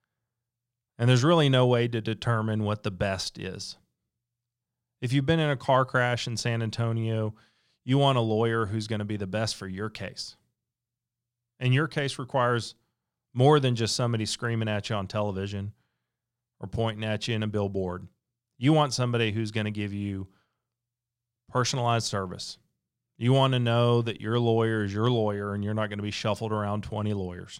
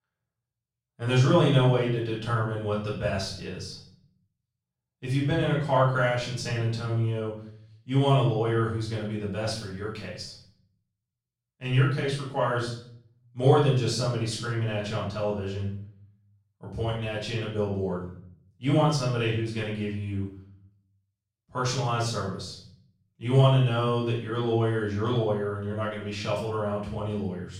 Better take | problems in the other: first | off-mic speech; far // room echo; noticeable; dies away in 0.5 s

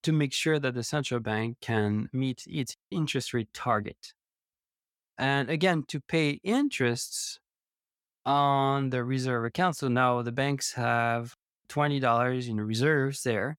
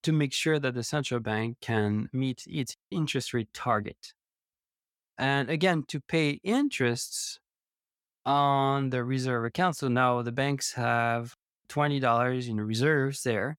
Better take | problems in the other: neither | none

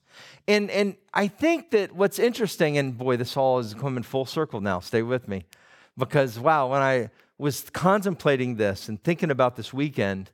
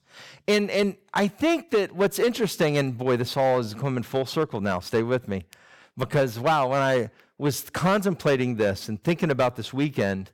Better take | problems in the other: first | distortion; slight; 5% of the sound clipped

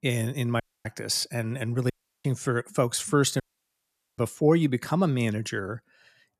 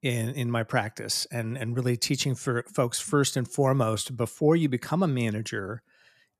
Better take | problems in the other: second | audio cutting out; at 0.5 s, at 2 s and at 3.5 s for 1 s

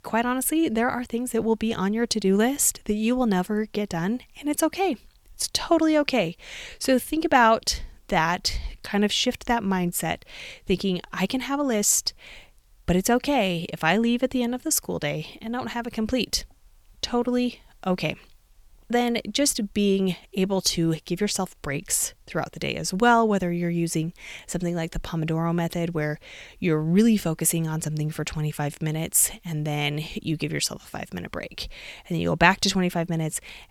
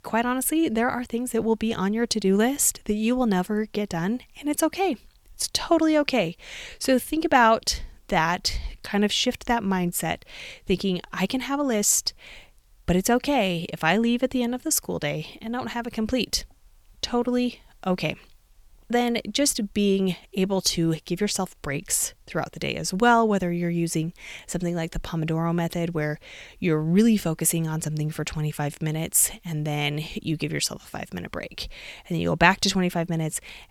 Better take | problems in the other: neither | none

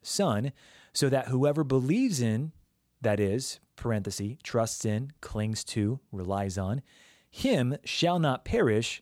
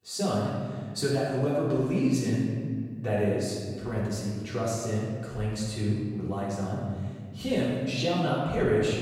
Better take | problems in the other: first | off-mic speech; far // room echo; strong; dies away in 1.8 s

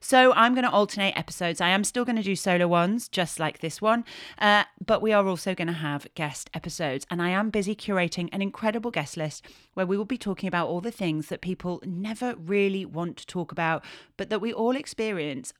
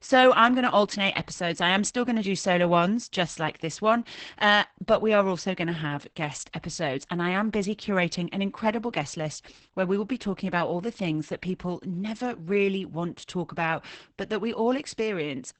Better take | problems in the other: first | garbled, watery; badly; nothing above 8 kHz

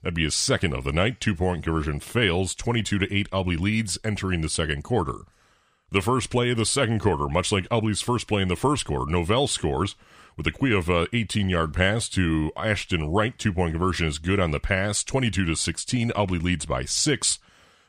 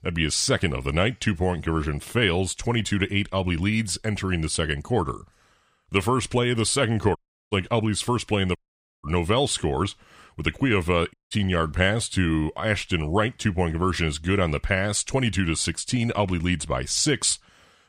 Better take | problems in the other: first | audio cutting out; at 7 s, at 8.5 s and at 11 s

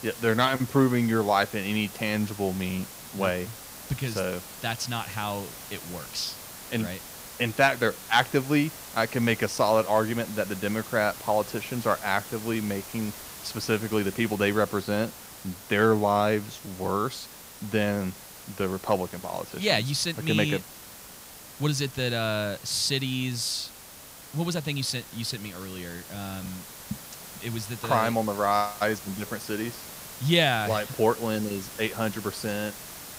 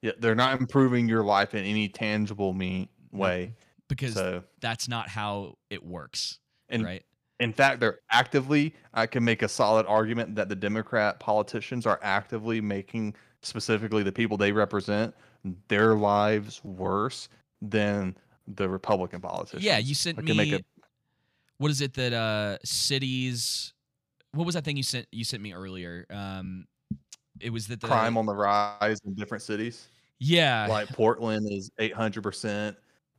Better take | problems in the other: second | hiss; noticeable; throughout; 15 dB below the speech

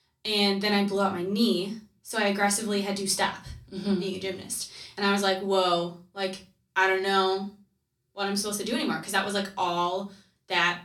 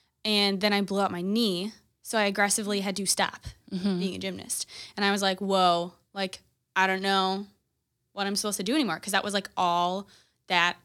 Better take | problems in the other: second | off-mic speech; far // room echo; very slight; dies away in 0.3 s

